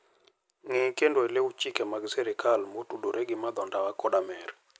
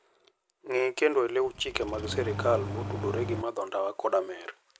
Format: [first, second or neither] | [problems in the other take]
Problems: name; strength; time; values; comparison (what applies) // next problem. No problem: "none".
first | background sound (Engine starting); 7 dB below the speech